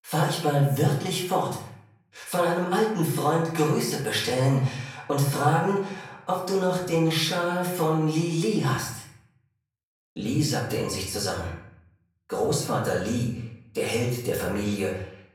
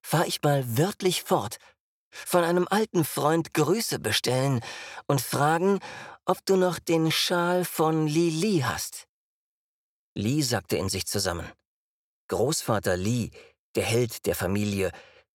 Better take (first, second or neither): second